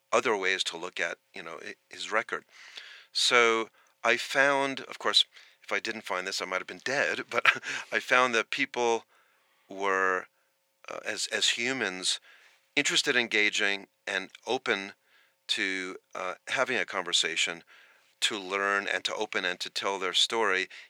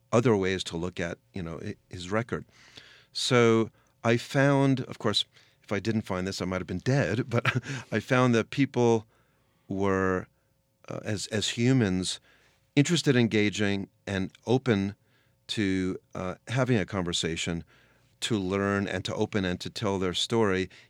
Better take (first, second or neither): second